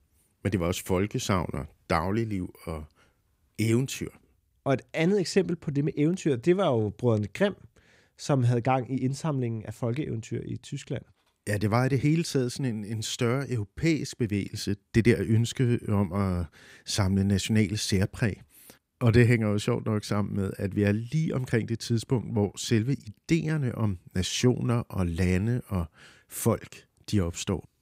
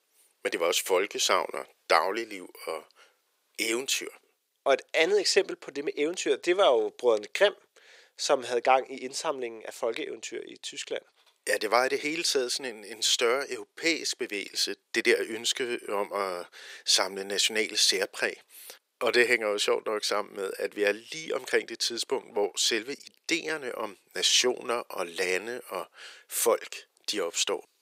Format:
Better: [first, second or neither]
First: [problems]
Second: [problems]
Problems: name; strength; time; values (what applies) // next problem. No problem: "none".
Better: first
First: none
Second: thin; very; fading below 450 Hz